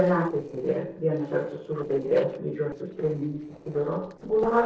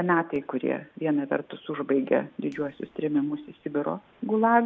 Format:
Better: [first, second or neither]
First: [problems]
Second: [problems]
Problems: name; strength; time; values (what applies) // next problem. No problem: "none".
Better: second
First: noise reduction (neural separator model SepFormer DNS4)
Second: none